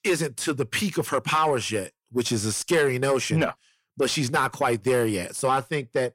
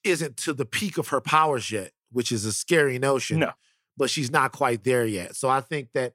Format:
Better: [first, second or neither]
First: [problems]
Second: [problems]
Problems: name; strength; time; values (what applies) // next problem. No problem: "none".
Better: second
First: distortion; slight; 10 dB below the speech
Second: none